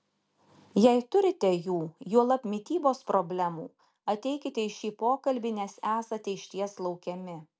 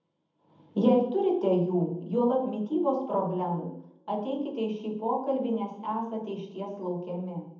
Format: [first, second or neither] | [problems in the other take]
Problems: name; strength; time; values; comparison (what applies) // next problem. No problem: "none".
first | room echo; dies away in 0.8 s